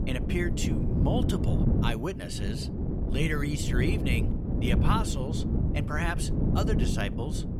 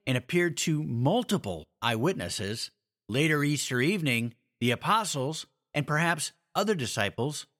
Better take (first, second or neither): second